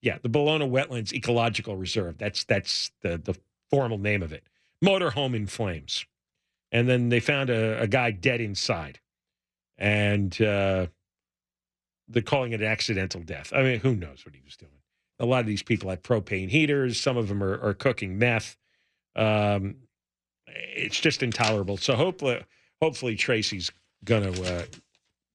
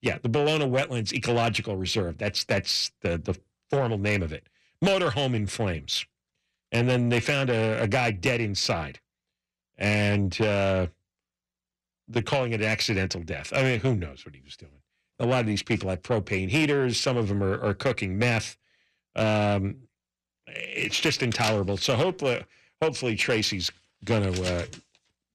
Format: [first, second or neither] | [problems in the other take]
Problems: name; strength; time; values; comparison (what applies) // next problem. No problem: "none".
first | distortion; slight; 10 dB below the speech